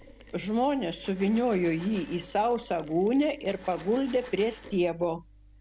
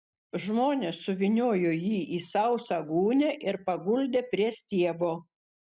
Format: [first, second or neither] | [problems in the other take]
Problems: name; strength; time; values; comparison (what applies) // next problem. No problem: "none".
second | background sound (Gunshot, gunfire + Mechanisms); 20 dB below the speech